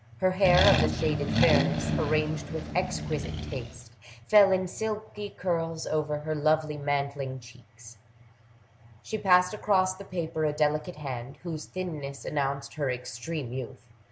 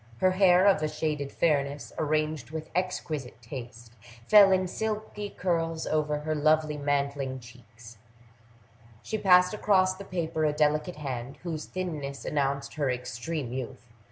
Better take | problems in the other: second | background sound (Accelerating, revving, vroom); as loud as the speech

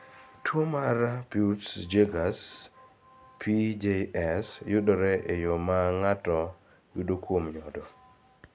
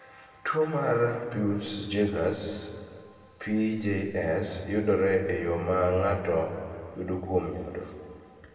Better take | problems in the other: first | room echo; dies away in 2.1 s

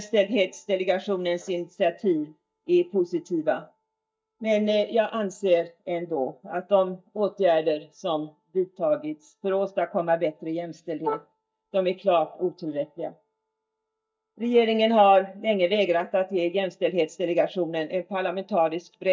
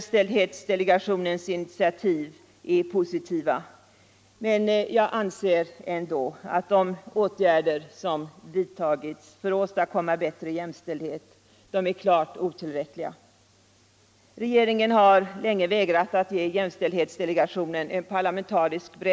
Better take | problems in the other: second | noise reduction (neural mask model DeepFilterNet 3)

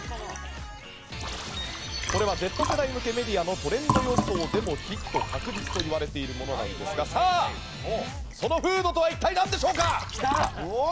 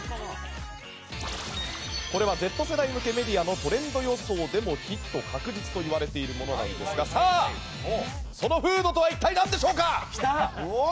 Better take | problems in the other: second | background sound (Liquid + Fill (with liquid)); 6 dB below the speech

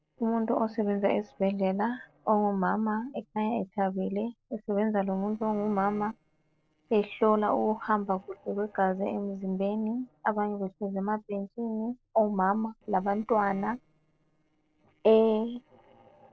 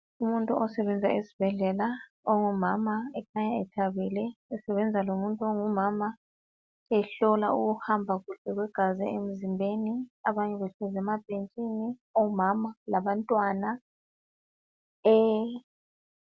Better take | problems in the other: second | noise reduction (neural separator model SepFormer DNS4)

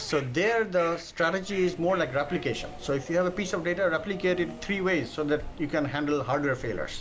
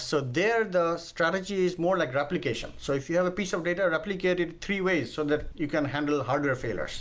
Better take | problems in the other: second | background sound (Subway, metro, underground + Fowl); 16 dB below the speech

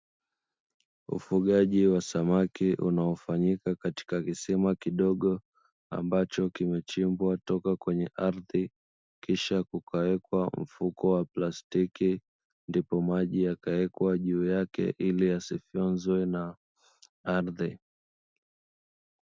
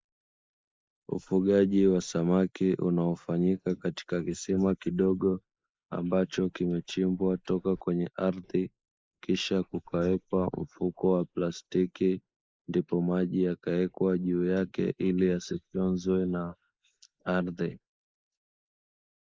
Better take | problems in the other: first | noise reduction (neural mask model Resemble Enhance denoiser)

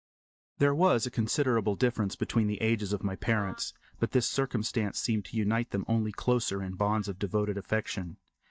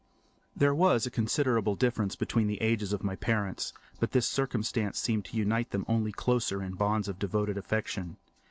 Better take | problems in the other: second | noise reduction (neural mask model DeepFilterNet 3)

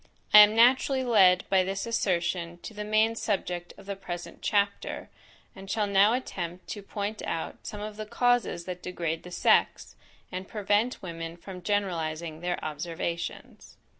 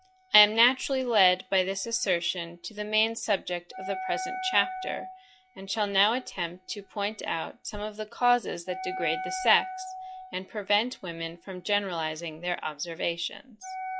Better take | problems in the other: first | noise reduction (classical method log-MMSE)

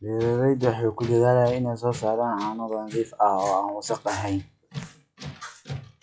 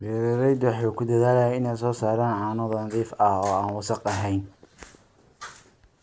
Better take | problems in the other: second | noise reduction (classical method WPE with log-MMSE)

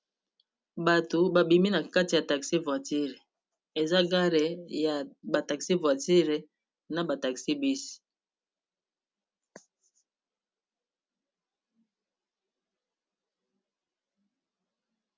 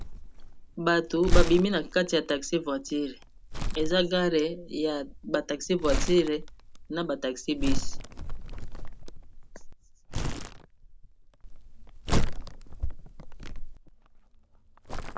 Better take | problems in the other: first | background sound (Crumpling, crinkling); 1 dB above the speech

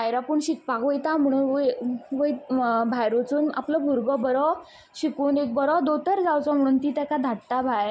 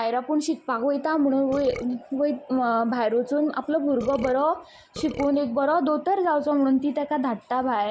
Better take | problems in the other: first | background sound (Burping, eructation); 14 dB below the speech

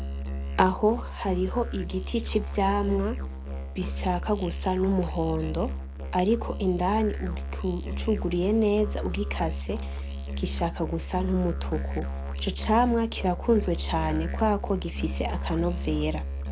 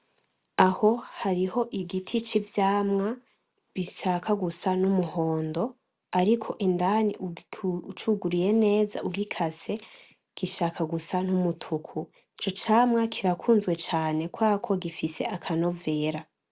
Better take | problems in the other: second | background sound (Musical instrument); 4 dB below the speech

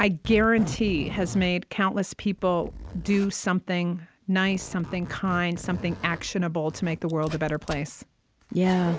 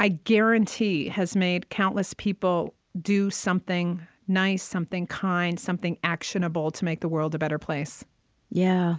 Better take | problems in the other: second | background sound (Zipper (clothing)); 14 dB below the speech

